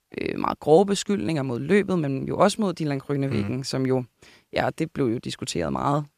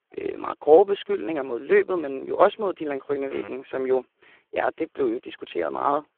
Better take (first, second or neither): first